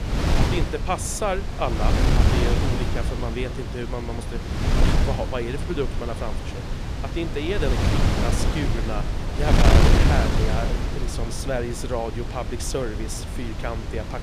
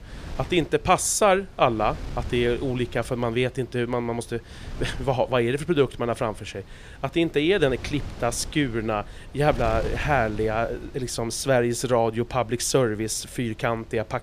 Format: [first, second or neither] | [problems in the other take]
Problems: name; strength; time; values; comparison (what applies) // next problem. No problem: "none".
second | wind noise on the microphone; heavy; as loud as the speech; occasional gusts in the second